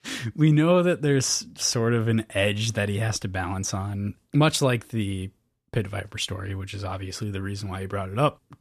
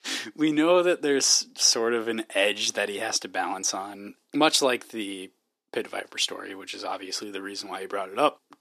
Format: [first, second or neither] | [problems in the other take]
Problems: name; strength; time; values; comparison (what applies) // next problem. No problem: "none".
first | thin; somewhat; fading below 300 Hz